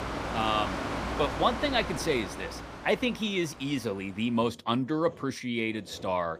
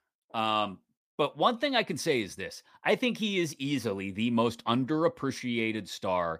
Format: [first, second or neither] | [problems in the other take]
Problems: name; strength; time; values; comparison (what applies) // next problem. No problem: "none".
second | machinery noise; loud; throughout; 6 dB below the speech